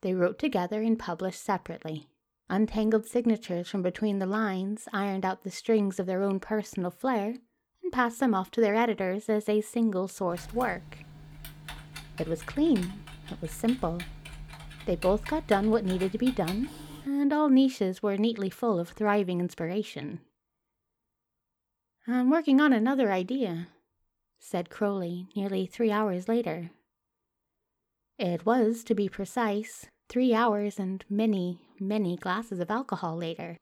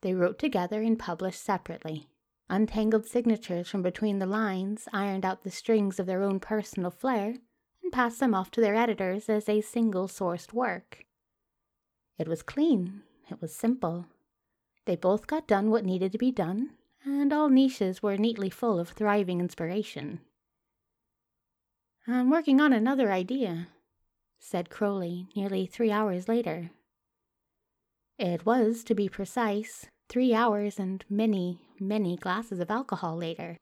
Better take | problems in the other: second | keyboard typing; faint; from 10 to 17 s; peak 10 dB below the speech

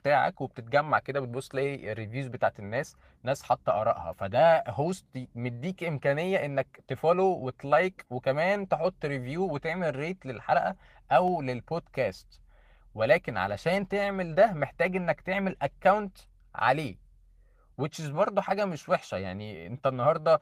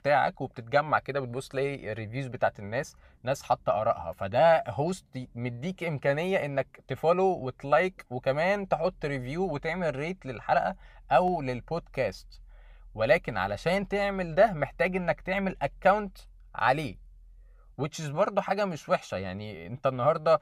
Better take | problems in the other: second | garbled, watery; slightly; nothing above 15 kHz

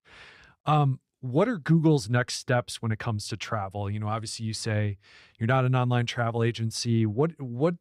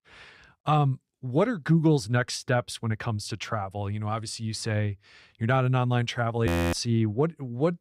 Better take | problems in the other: first | audio freezing; at 6.5 s

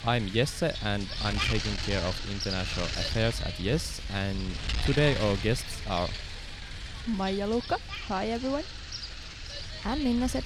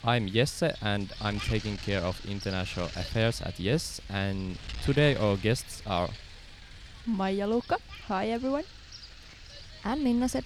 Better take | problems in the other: second | wind noise on the microphone; heavy; 4 dB below the speech; occasional gusts in the second

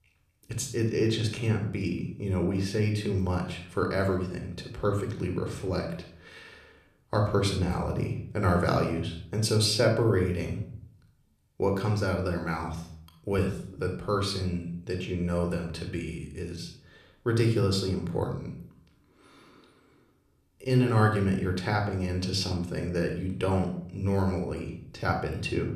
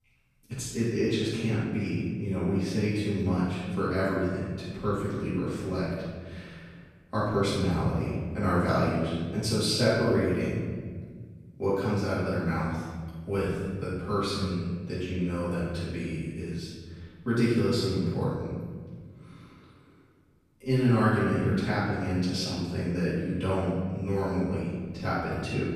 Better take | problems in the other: first | room echo; strong; dies away in 1.8 s; slight in the first // off-mic speech; far

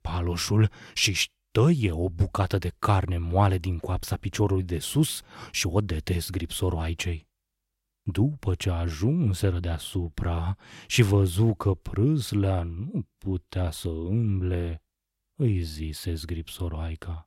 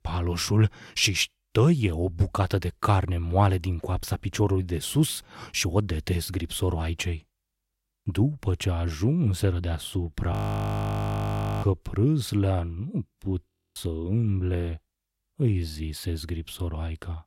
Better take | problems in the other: first | audio freezing; at 10 s for 1.5 s and at 13 s

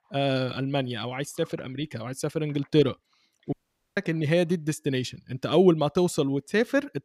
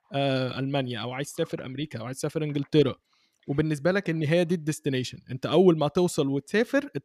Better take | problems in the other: second | audio cutting out; at 3.5 s

